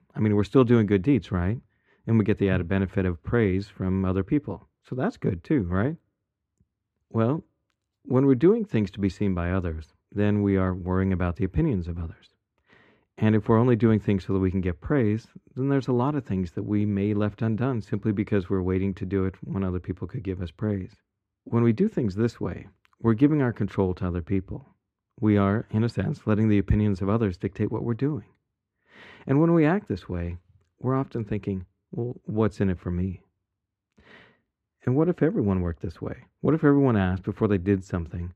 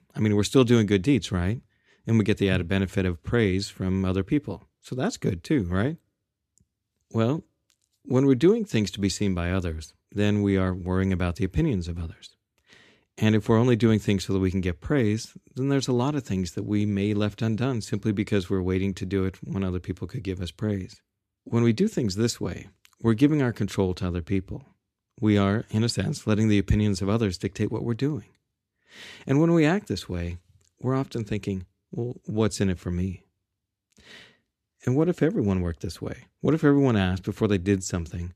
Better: second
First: muffled; very; fading above 3.5 kHz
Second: none

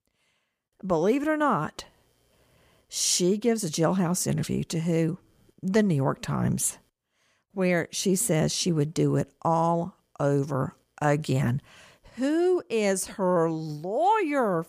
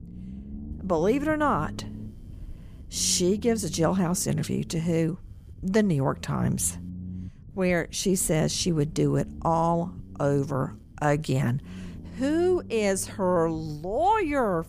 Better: first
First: none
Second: low rumble; faint; throughout; 25 dB below the speech

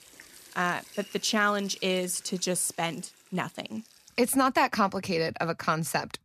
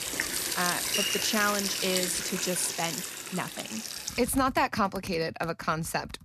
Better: first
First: household noises; faint; throughout; 20 dB below the speech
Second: household noises; loud; throughout; as loud as the speech

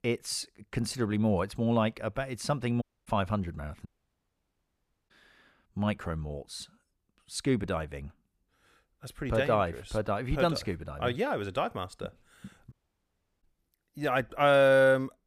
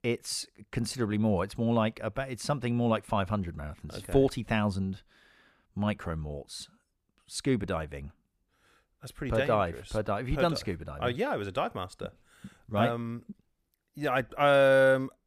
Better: second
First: audio cutting out; at 3 s, at 4 s for 1 s and at 13 s for 0.5 s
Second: none

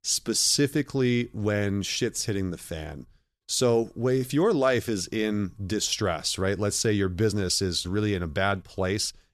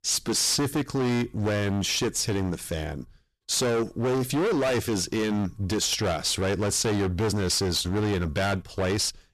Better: first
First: none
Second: distortion; heavy; 25% of the sound clipped

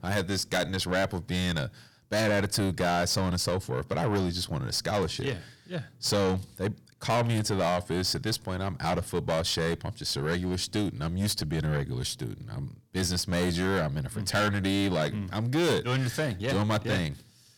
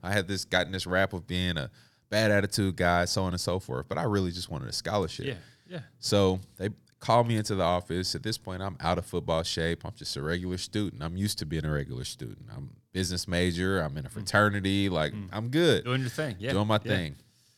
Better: second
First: distortion; heavy; 6 dB below the speech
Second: none

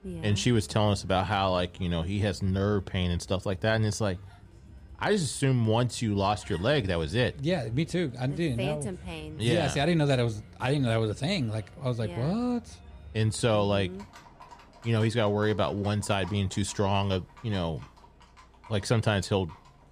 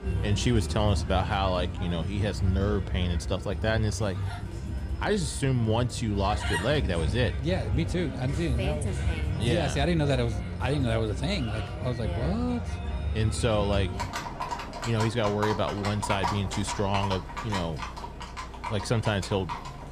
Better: first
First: animal sounds; faint; throughout; 20 dB below the speech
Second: animal sounds; loud; throughout; 4 dB below the speech

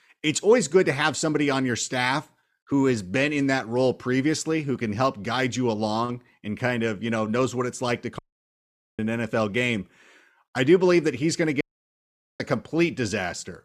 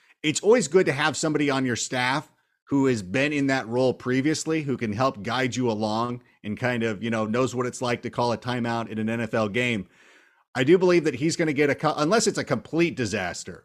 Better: second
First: audio cutting out; at 8 s for 1 s and at 12 s for 1 s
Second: none

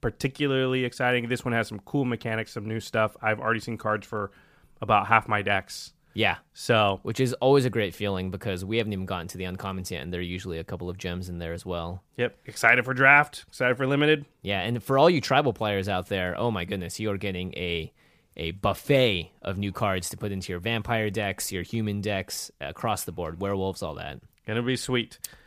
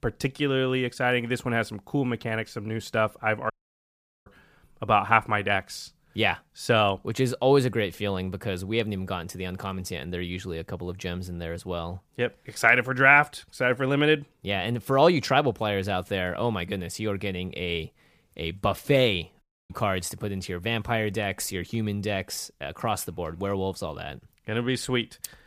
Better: first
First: none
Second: audio cutting out; at 3.5 s for 1 s and at 19 s

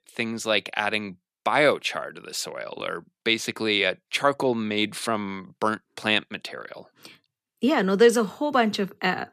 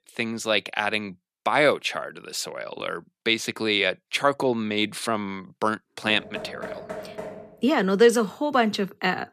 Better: first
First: none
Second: door banging; faint; from 6 to 7.5 s; peak 10 dB below the speech

